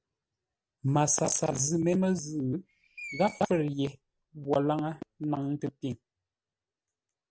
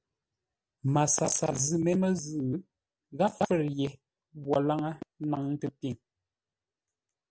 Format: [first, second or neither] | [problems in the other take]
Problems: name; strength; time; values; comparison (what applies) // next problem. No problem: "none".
second | background sound (Screech); 19 dB below the speech